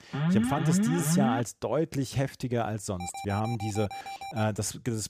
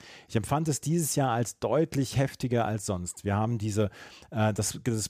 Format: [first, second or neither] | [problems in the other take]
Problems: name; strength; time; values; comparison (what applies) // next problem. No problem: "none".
second | alarm; loud; until 1.5 s; peak 4 dB above the speech // alarm; noticeable; from 3 to 4.5 s; peak 8 dB below the speech